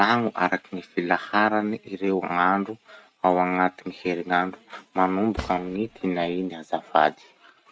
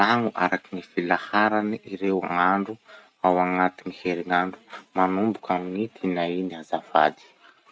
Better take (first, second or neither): second